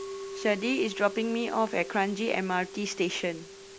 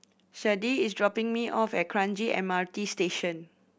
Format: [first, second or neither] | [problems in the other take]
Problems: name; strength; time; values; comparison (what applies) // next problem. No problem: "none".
second | background sound (Musical instrument); 12 dB below the speech